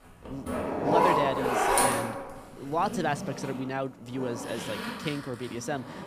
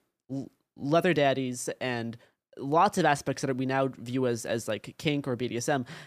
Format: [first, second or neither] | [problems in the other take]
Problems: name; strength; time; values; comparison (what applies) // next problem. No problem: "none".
second | household noises; very loud; throughout; 5 dB above the speech